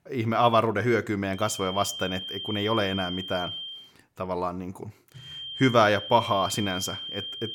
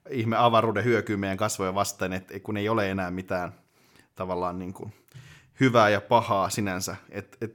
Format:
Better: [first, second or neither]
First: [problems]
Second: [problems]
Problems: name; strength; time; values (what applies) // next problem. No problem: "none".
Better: second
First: high-pitched whine; loud; from 1.5 to 4 s and from 5.5 s on; 3 kHz, 8 dB below the speech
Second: none